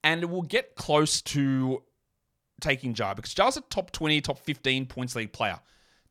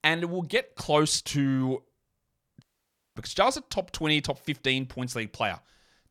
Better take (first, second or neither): first